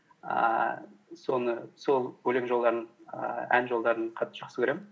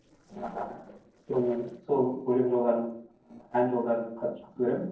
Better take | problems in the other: first | noise reduction (neural separator model SepFormer DNS4)

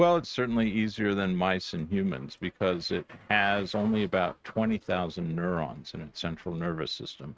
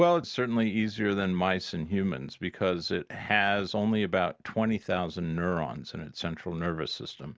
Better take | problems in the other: second | noise reduction (neural mask model RNNoise)

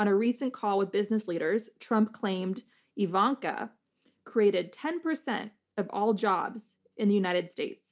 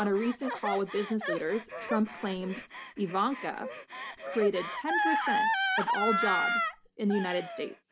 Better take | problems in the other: first | background sound (Gasp); 1 dB below the speech

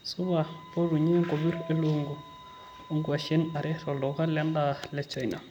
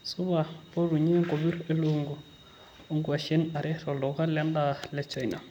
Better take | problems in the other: second | background sound (Piano + Wind instrument, woodwind instrument); 19 dB below the speech

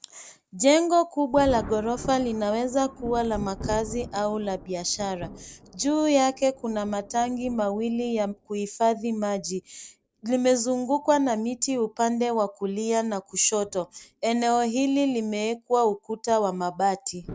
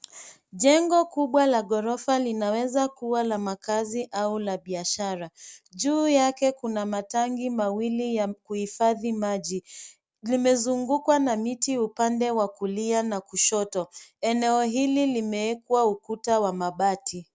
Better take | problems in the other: second | background sound (Thunder); 18 dB below the speech

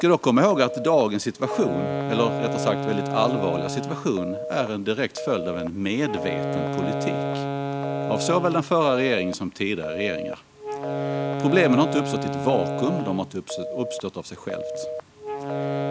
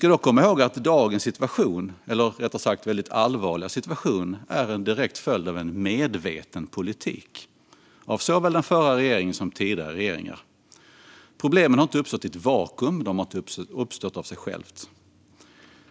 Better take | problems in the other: second | background sound (Telephone + Wind instrument, woodwind instrument); 4 dB below the speech

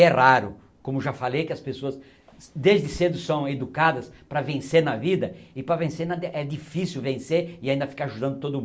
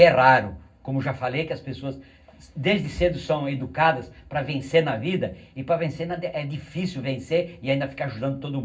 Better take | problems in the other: first | room echo; dies away in 0.4 s

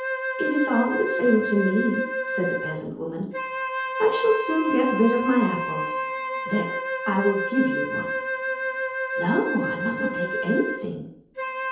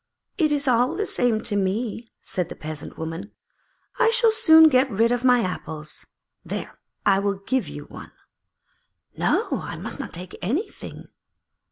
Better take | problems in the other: second | background sound (Wind instrument, woodwind instrument); 3 dB below the speech // room echo; dies away in 2.2 s

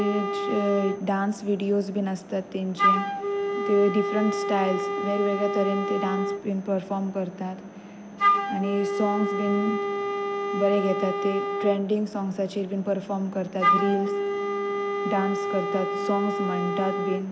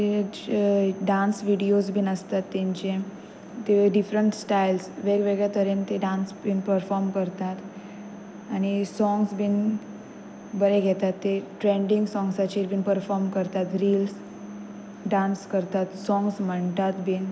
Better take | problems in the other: second | background sound (Wind instrument, woodwind instrument); 1 dB below the speech

